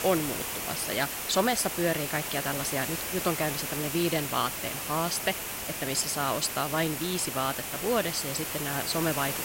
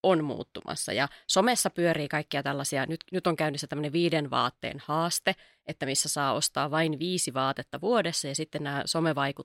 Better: second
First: hiss; loud; throughout; 2 dB below the speech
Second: none

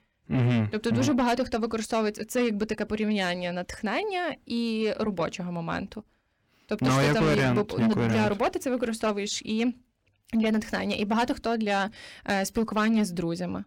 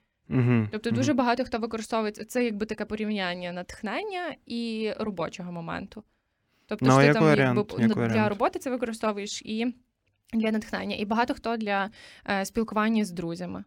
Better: second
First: distortion; heavy; 8 dB below the speech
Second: none

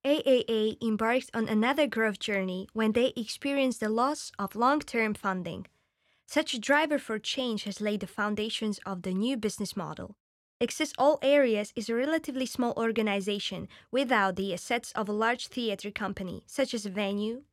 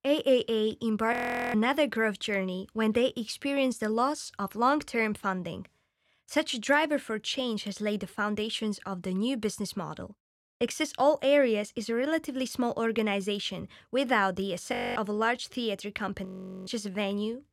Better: first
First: none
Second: audio freezing; at 1 s, at 15 s and at 16 s

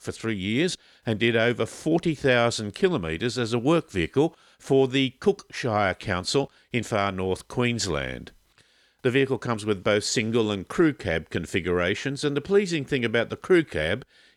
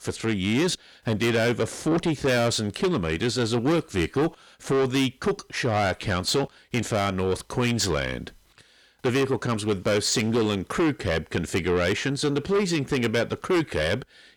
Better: first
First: none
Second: distortion; heavy; 7 dB below the speech

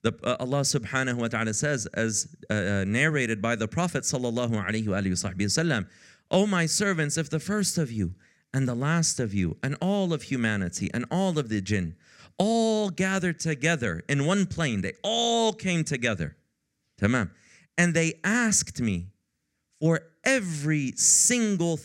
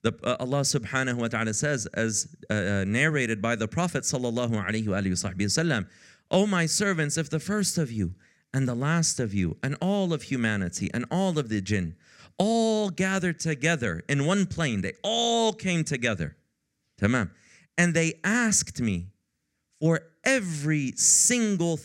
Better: neither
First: none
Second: none

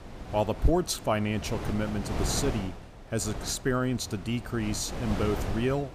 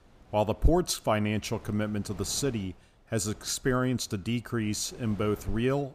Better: second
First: wind noise on the microphone; heavy; 9 dB below the speech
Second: wind noise on the microphone; occasional gusts; 25 dB below the speech

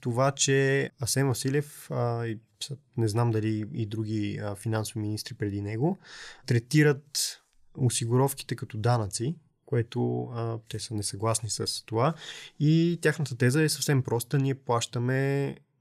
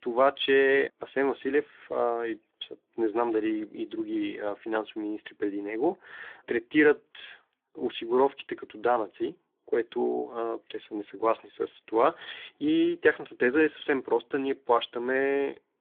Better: first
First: none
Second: phone-call audio; nothing above 3.5 kHz

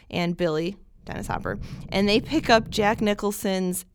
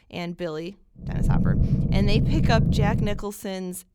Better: first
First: low rumble; faint; from 1 to 3 s; 25 dB below the speech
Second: low rumble; loud; from 1 to 3 s; 3 dB below the speech

